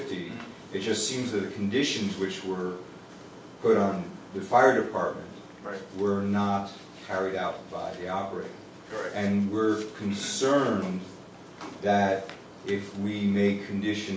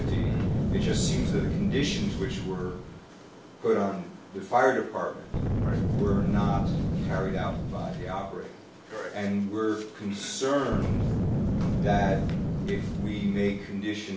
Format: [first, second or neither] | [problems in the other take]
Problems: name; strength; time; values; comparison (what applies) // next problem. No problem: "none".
first | background sound (Boom); 1 dB above the speech